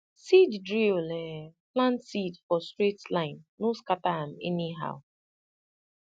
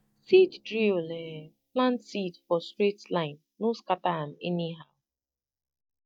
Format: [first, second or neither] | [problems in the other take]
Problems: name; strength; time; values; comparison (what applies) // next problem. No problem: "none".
first | noise reduction (neural mask model DeepFilterNet 3)